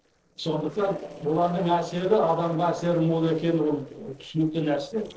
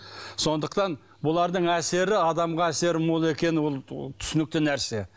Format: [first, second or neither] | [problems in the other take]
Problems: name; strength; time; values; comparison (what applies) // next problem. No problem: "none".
second | noise reduction (neural separator model SepFormer DNS4)